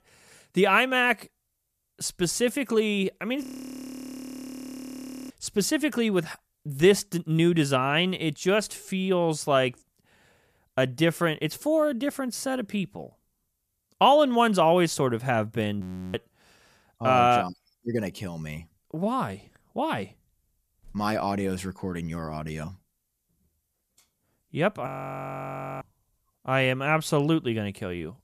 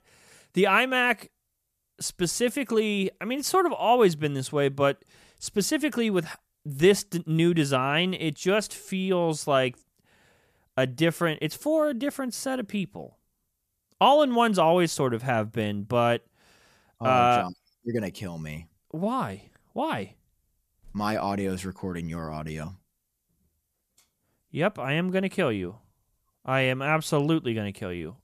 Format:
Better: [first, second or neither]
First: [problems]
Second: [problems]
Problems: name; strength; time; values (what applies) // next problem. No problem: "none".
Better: second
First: audio freezing; at 3.5 s for 2 s, at 16 s and at 25 s for 1 s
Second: none